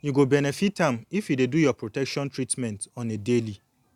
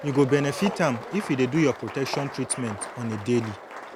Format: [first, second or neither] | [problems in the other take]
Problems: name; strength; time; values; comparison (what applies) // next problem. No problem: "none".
first | background sound (Applause + Cutlery, silverware); 11 dB below the speech